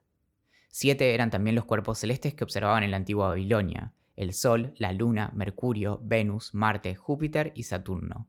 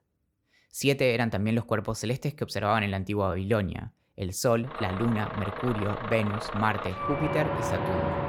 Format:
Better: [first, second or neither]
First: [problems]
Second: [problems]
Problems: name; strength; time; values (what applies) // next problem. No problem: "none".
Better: first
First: none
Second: traffic noise; loud; from 4.5 s on; 4 dB below the speech